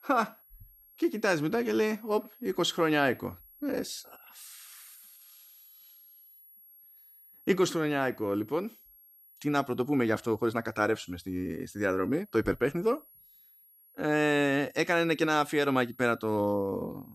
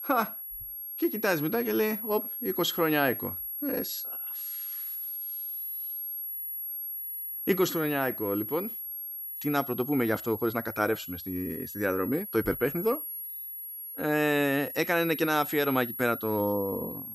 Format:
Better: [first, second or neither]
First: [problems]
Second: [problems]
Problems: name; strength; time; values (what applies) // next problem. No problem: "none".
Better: first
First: high-pitched whine; faint; throughout; 11.5 kHz, 25 dB below the speech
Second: high-pitched whine; loud; throughout; 11.5 kHz, 6 dB below the speech